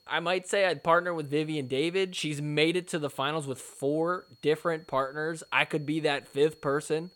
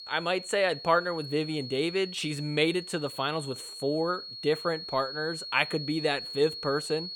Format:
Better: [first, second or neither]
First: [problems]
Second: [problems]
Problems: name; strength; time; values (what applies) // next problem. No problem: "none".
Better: first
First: high-pitched whine; faint; throughout; 4.5 kHz, 30 dB below the speech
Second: high-pitched whine; loud; throughout; 4.5 kHz, 9 dB below the speech